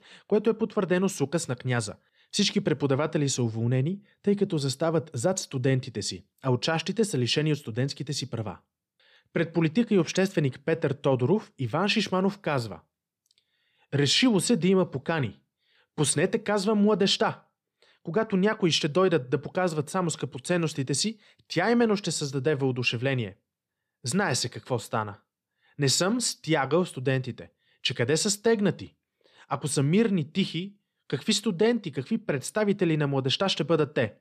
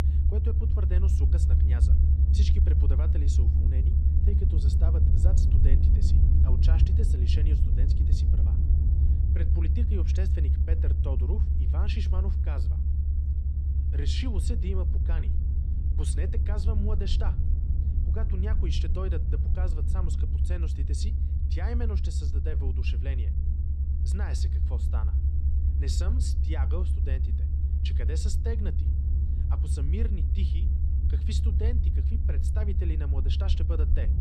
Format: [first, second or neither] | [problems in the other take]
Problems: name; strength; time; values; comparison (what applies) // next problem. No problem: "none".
first | low rumble; loud; throughout; 1 dB below the speech